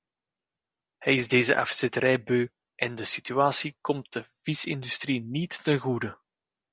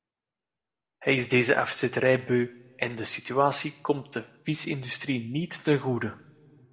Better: first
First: none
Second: room echo; dies away in 1.3 s

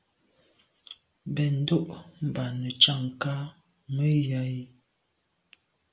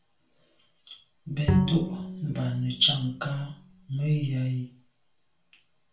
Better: first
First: none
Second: background sound (Bowed string instrument); 1 dB below the speech // room echo; dies away in 0.4 s

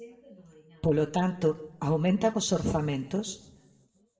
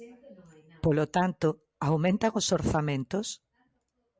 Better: second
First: room echo; dies away in 0.7 s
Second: none

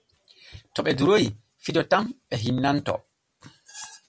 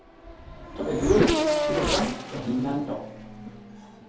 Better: first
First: none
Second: background sound (Race car, auto racing / Accelerating, revving, vroom); as loud as the speech // room echo; dies away in 2.4 s

